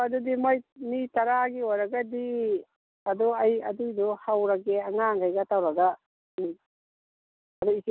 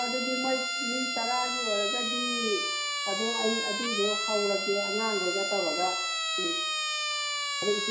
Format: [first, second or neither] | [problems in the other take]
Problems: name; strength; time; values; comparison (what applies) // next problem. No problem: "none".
first | background sound (Siren); 2 dB above the speech // room echo; dies away in 0.7 s